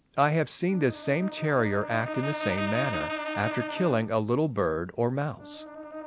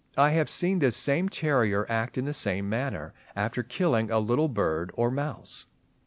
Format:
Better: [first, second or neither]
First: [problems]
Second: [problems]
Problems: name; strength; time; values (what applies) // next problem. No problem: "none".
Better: second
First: background sound (Brass instrument); 9 dB below the speech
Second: none